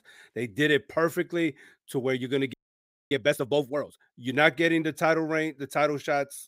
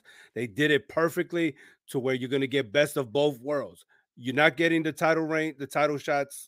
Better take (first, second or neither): second